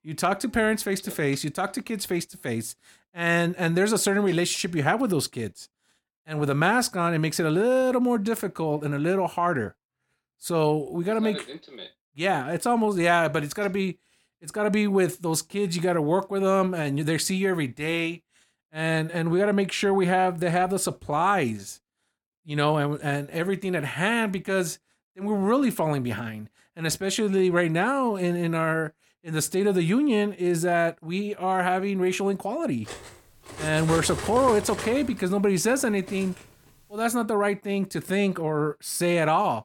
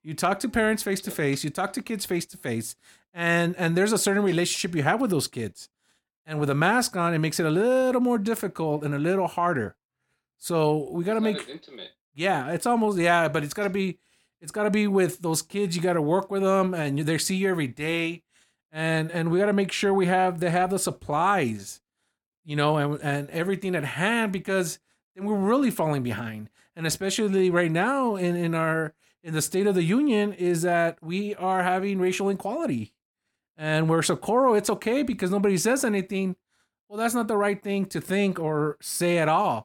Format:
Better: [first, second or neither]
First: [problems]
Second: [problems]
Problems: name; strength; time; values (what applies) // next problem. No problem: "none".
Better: second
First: clattering dishes; noticeable; from 33 to 36 s; peak 7 dB below the speech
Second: none